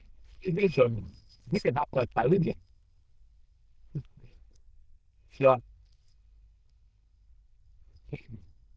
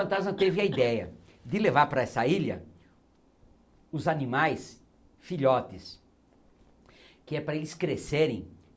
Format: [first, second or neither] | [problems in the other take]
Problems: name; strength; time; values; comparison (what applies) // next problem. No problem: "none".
second | noise reduction (neural diffusion model UNIVERSE++)